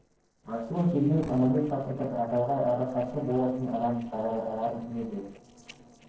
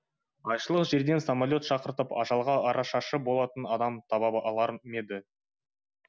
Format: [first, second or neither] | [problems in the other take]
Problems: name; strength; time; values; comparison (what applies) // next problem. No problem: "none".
second | noise reduction (neural separator model SepFormer DNS4)